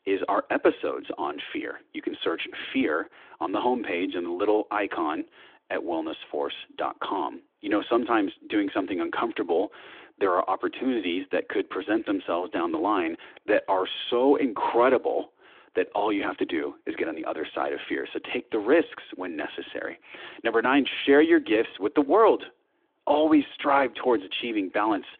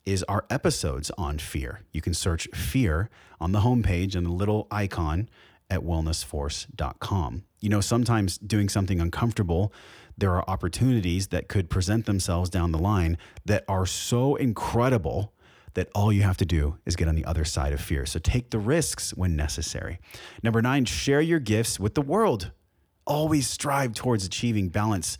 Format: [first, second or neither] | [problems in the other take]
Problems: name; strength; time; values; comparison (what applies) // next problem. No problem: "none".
second | phone-call audio; nothing above 3.5 kHz